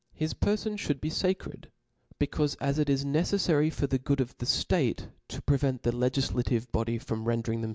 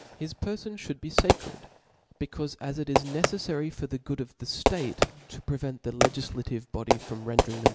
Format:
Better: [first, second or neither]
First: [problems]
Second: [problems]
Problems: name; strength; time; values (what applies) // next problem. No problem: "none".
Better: first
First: none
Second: background sound (Fireworks); 3 dB above the speech